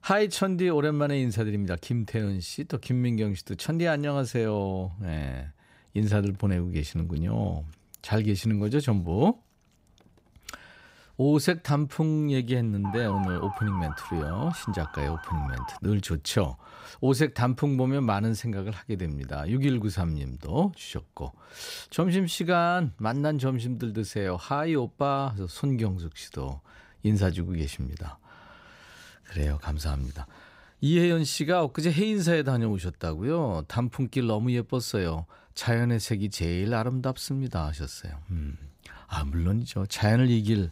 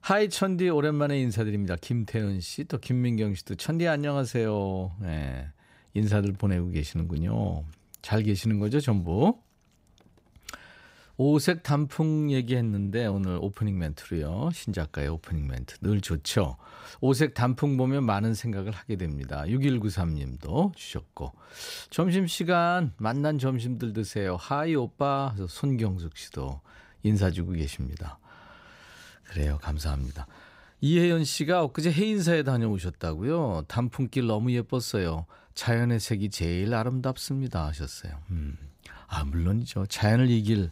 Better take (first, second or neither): second